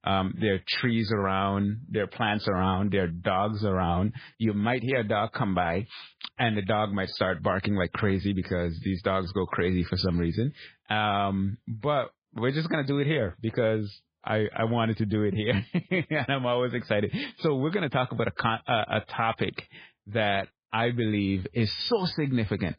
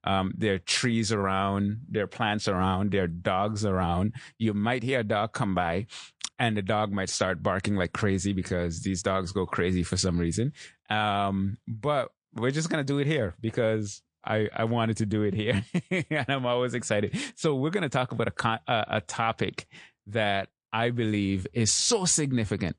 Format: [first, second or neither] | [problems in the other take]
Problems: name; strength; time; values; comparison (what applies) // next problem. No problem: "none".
second | garbled, watery; badly; slightly in the second